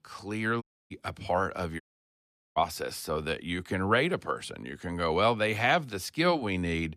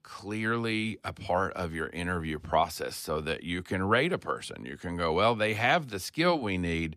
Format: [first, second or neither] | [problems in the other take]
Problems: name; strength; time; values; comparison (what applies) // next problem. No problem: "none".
second | audio cutting out; at 0.5 s and at 2 s for 1 s